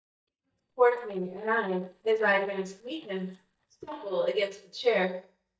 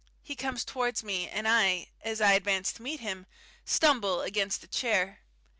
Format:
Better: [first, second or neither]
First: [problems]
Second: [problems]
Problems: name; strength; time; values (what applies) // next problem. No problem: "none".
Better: second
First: noise reduction (neural mask model DeepFilterNet 3)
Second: none